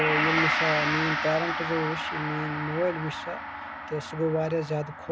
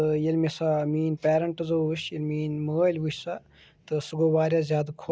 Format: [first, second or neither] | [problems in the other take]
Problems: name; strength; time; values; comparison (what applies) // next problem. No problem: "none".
second | background sound (Gong); as loud as the speech